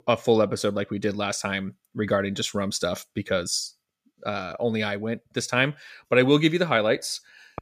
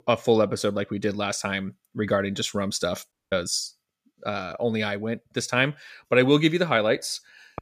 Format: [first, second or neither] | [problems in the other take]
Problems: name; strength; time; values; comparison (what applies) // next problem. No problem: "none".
first | audio cutting out; at 3 s